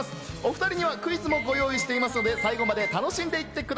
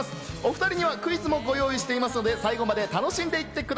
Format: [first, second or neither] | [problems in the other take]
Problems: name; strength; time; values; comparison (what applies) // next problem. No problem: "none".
second | background sound (Alarm); 4 dB below the speech